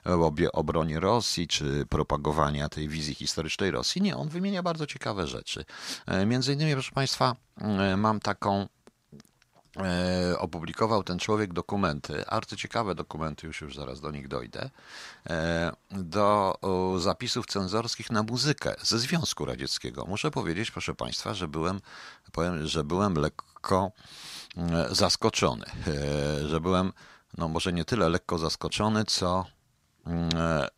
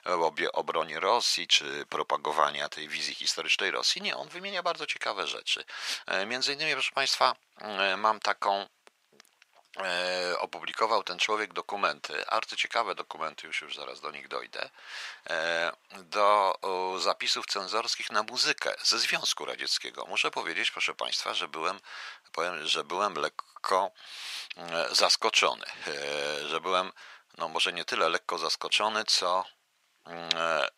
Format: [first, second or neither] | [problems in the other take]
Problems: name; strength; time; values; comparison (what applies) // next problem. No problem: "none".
first | thin; very; fading below 650 Hz